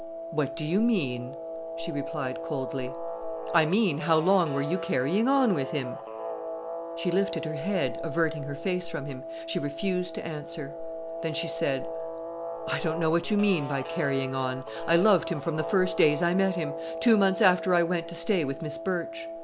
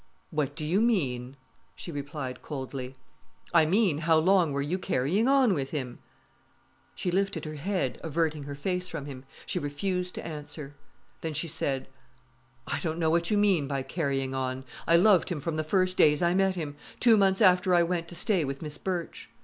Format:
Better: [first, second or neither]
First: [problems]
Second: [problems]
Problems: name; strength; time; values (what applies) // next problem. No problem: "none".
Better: second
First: background sound (Guitar); 8 dB below the speech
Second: none